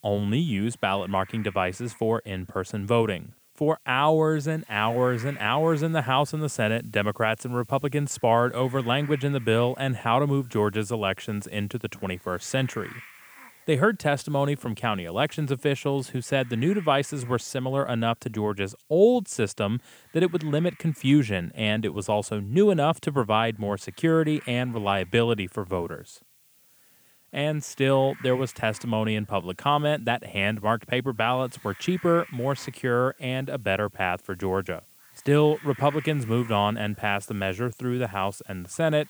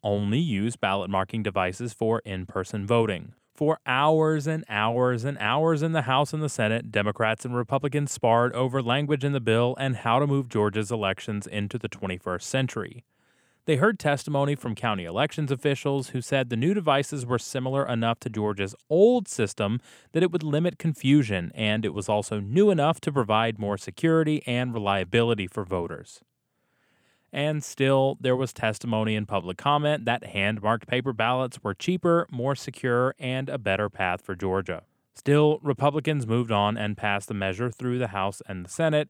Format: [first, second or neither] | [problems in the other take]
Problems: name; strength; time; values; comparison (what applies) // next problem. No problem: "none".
second | hiss; faint; throughout; 25 dB below the speech